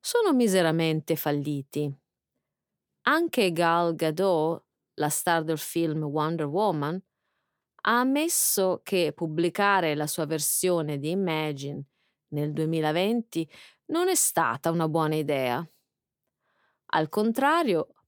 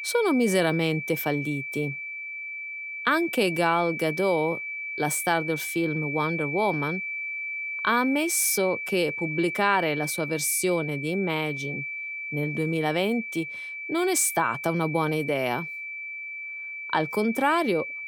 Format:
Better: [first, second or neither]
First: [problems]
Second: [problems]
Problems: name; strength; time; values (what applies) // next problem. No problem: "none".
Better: first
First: none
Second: high-pitched whine; loud; throughout; 2.5 kHz, 6 dB below the speech